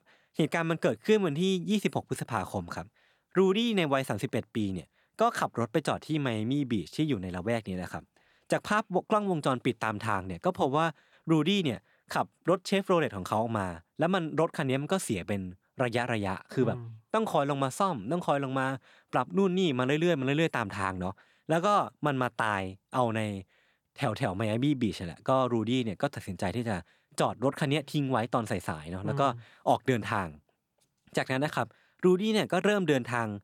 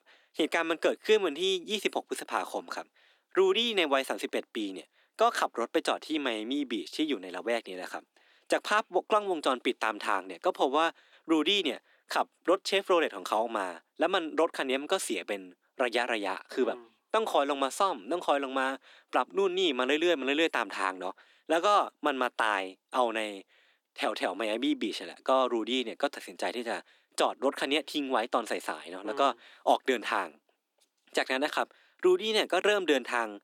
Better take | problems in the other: first | thin; somewhat; fading below 300 Hz

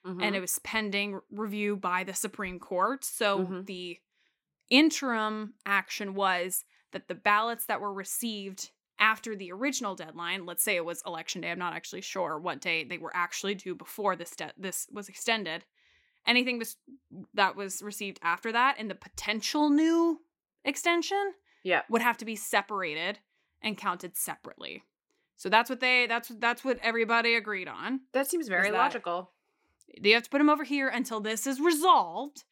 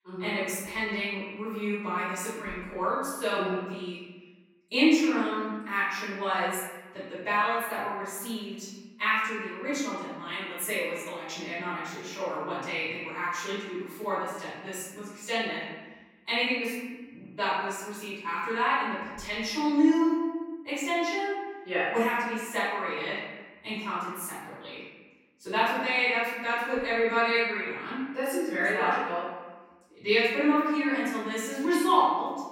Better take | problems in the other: first | room echo; strong; dies away in 1.2 s // off-mic speech; far

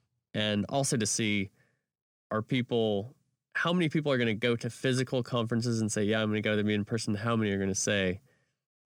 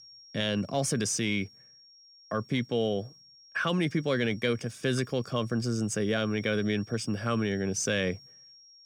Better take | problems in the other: first | high-pitched whine; faint; throughout; 5.5 kHz, 20 dB below the speech

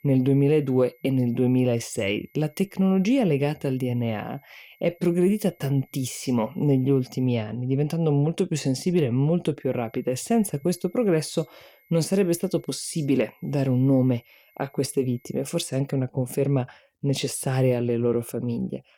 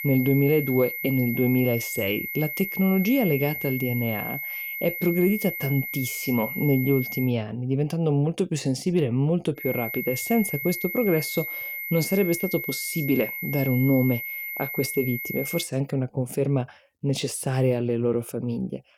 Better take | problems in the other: first | high-pitched whine; loud; until 7.5 s and from 9.5 to 16 s; 2 kHz, 5 dB below the speech; faint in the first

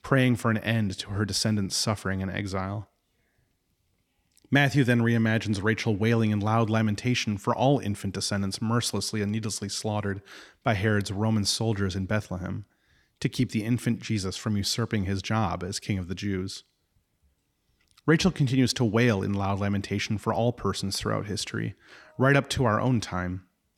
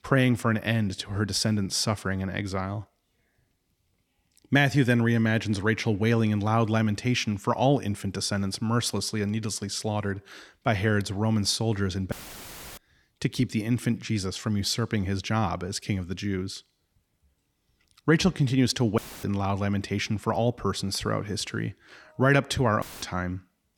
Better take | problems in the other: first | audio cutting out; filled with static; at 12 s for 0.5 s, at 19 s and at 23 s

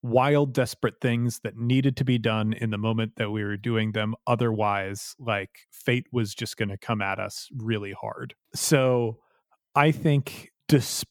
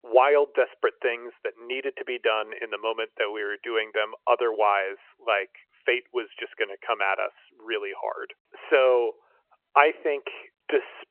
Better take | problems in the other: first | phone-call audio; nothing above 3 kHz

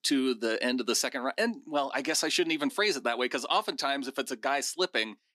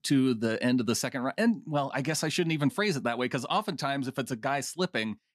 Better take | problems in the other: second | thin; very slightly; fading below 300 Hz

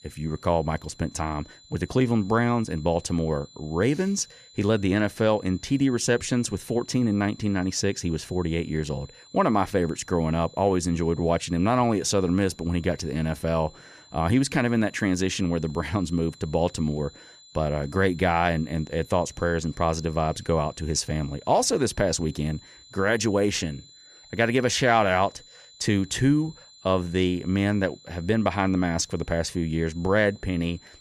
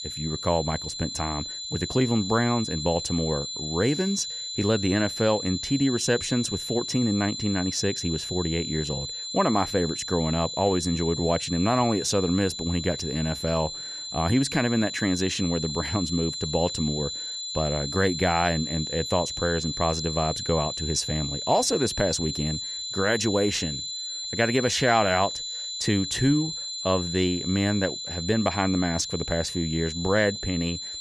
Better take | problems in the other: first | high-pitched whine; loud; throughout; 4 kHz, 5 dB below the speech; faint in the first

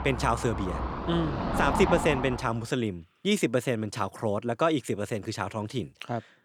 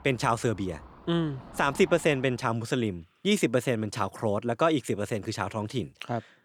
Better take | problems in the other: second | traffic noise; loud; until 2.5 s; 3 dB below the speech; faint in the second

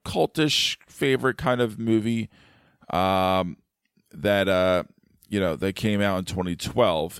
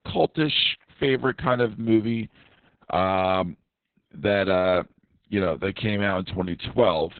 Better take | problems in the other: first | garbled, watery; badly; nothing above 4 kHz

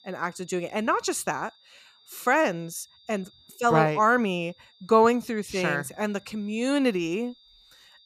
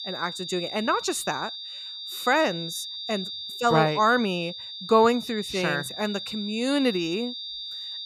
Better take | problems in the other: first | high-pitched whine; loud; throughout; 3.5 kHz, 8 dB below the speech; faint in the first

